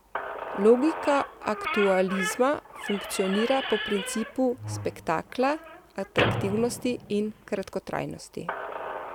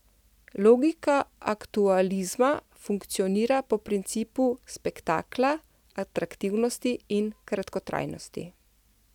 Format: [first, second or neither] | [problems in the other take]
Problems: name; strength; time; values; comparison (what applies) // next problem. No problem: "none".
second | background sound (Squeak / Slam); 7 dB below the speech